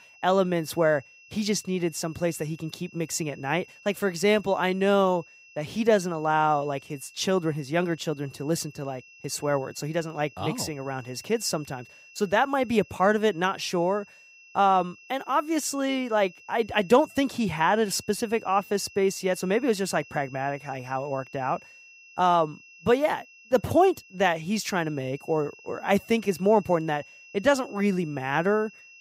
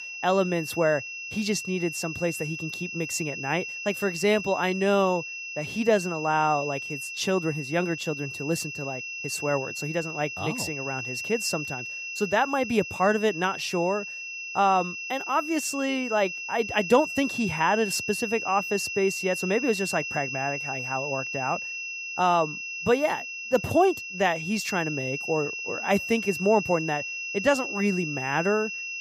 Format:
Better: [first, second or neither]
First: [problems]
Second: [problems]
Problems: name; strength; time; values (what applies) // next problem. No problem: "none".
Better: first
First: high-pitched whine; faint; throughout; 2.5 kHz, 25 dB below the speech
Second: high-pitched whine; loud; throughout; 2.5 kHz, 6 dB below the speech